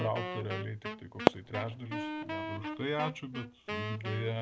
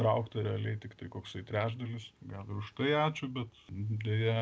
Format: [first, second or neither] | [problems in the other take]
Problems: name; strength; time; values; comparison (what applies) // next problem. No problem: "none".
second | background sound (Fireworks + Wind instrument, woodwind instrument); as loud as the speech